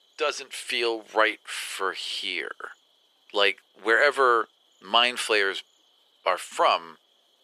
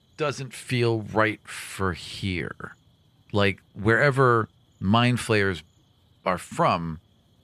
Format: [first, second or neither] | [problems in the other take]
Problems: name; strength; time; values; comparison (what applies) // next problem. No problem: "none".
second | thin; very; fading below 400 Hz